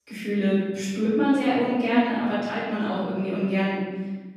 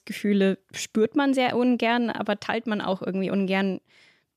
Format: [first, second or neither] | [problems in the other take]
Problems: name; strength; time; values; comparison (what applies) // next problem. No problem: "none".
second | room echo; strong; dies away in 1.3 s // off-mic speech; far